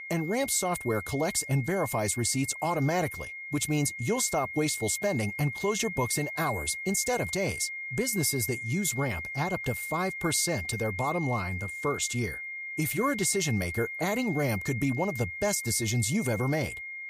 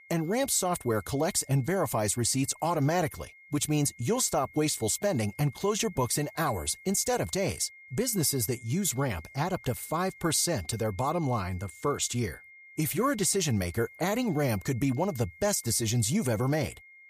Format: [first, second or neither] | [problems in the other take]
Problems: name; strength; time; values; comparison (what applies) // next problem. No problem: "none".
second | high-pitched whine; loud; throughout; 2 kHz, 7 dB below the speech; faint in the second